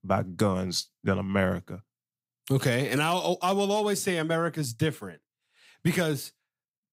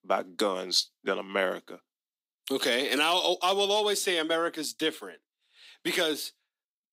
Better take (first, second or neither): first